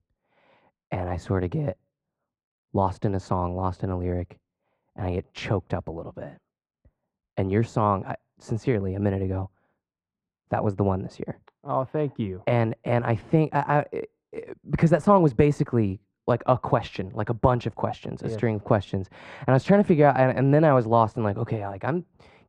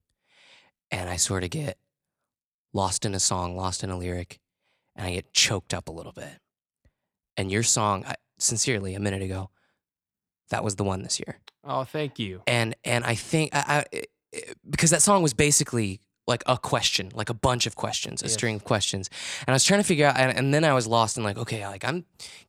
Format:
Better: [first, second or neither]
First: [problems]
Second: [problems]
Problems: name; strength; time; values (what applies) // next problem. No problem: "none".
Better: second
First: muffled; very; fading above 3 kHz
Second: none